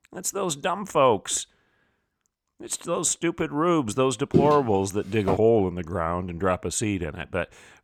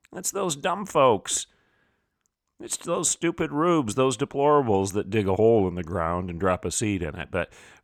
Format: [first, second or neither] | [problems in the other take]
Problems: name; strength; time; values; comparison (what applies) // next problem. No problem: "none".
second | footsteps; loud; from 4.5 to 5.5 s; peak 1 dB above the speech